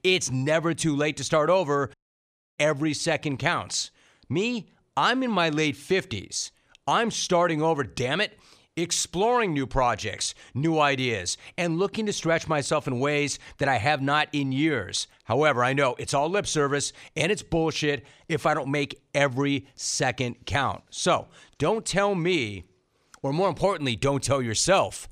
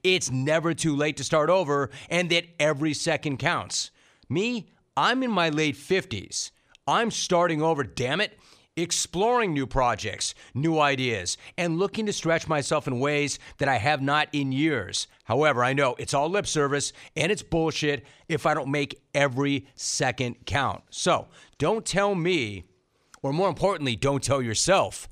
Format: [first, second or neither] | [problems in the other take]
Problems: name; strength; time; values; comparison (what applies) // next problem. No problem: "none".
second | audio cutting out; at 2 s for 0.5 s